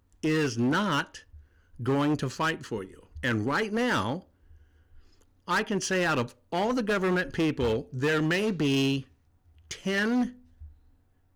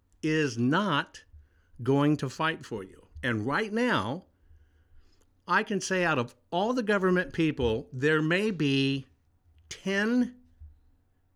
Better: second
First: distortion; slight; 11% of the sound clipped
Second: none

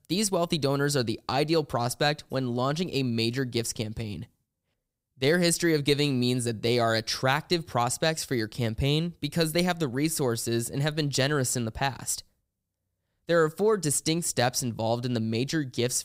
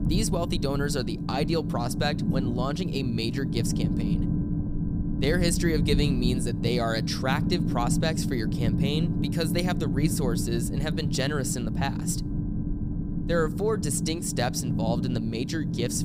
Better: first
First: none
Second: low rumble; loud; throughout; 6 dB below the speech

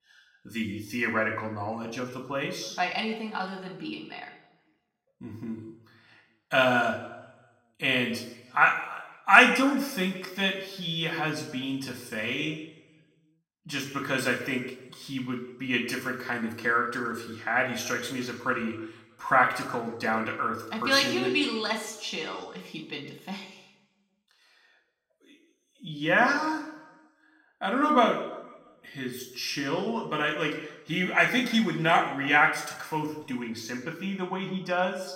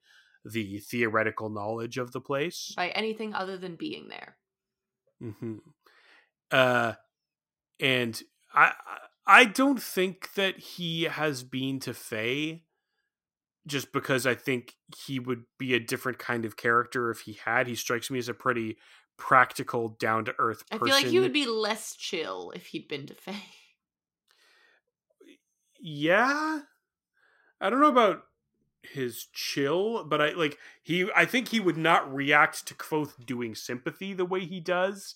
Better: second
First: room echo; slight; dies away in 0.9 s // off-mic speech; somewhat distant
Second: none

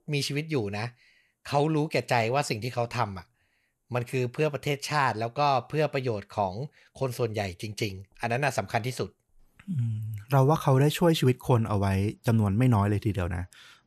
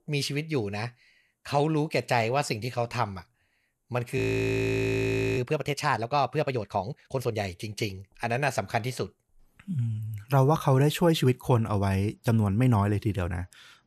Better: first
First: none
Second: audio freezing; at 4 s for 1 s

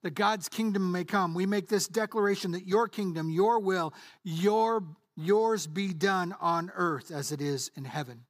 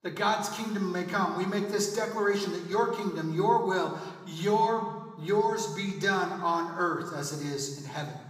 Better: first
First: none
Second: room echo; noticeable; dies away in 1.1 s // off-mic speech; somewhat distant

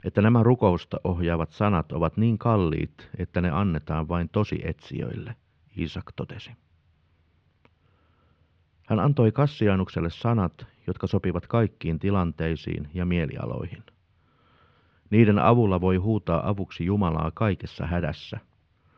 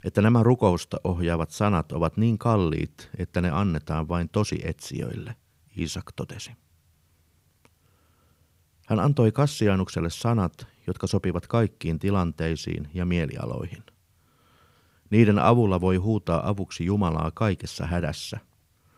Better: second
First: muffled; slightly; fading above 3.5 kHz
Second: none

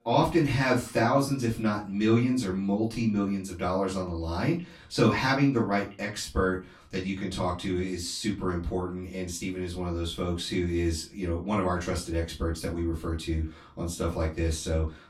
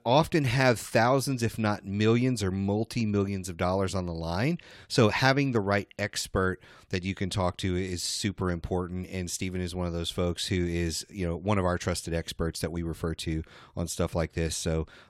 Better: second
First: off-mic speech; far // room echo; slight; dies away in 0.3 s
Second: none

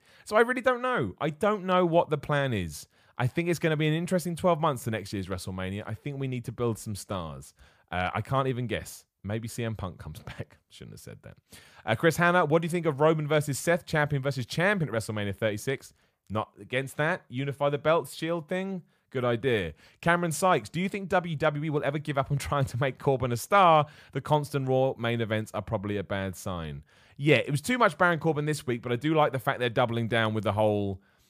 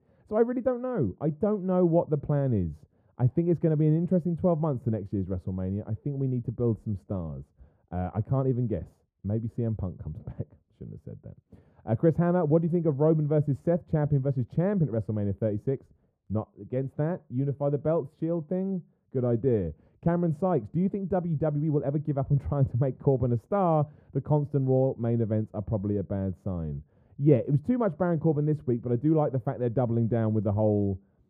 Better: first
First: none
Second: muffled; very; fading above 1 kHz

